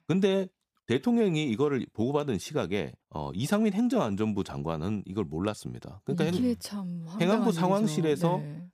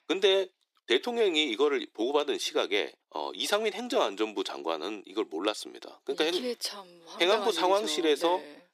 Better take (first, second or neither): first